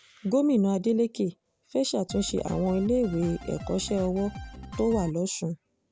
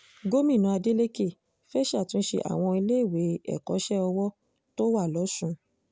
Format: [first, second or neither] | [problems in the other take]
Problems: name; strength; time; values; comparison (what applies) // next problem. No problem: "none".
second | background sound (Drum kit); 13 dB below the speech